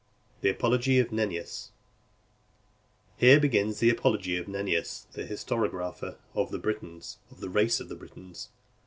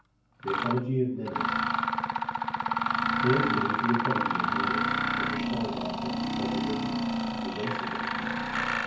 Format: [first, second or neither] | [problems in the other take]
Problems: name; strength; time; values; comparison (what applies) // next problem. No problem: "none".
first | background sound (Mechanisms); 5 dB above the speech // room echo; dies away in 0.9 s